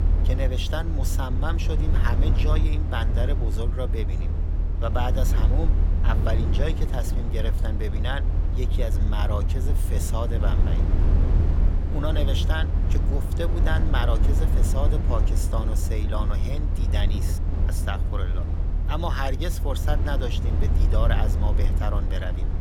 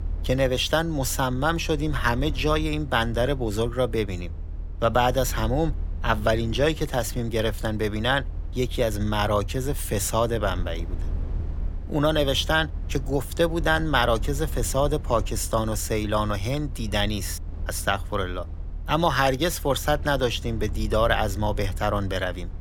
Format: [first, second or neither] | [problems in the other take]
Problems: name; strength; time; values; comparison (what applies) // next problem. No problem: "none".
second | low rumble; loud; throughout; 6 dB below the speech; faint in the second